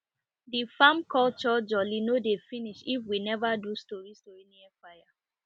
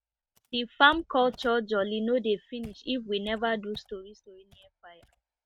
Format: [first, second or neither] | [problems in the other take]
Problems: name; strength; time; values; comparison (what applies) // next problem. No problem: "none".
first | noise reduction (neural mask model RNNoise)